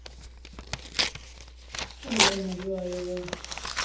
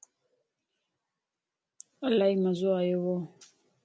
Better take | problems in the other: second | background sound (Tearing); 4 dB above the speech // room echo; dies away in 0.6 s

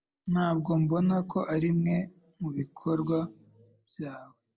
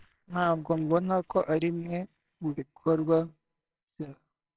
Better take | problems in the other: first | noise reduction (neural separator model SepFormer WHAMR!)

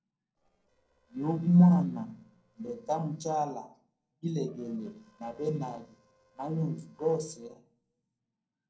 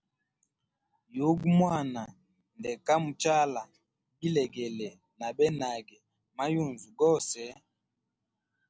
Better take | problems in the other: second | noise reduction (neural separator model SepFormer DNS4)

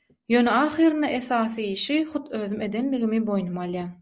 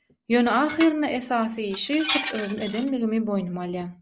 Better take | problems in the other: first | background sound (Dishes, pots, and pans); 9 dB below the speech

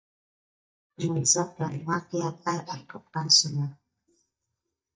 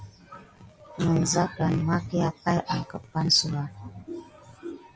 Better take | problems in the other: second | noise reduction (neural mask model DeepFilterNet 3)

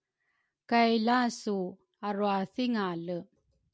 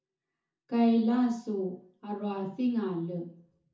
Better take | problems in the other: first | room echo; dies away in 0.6 s

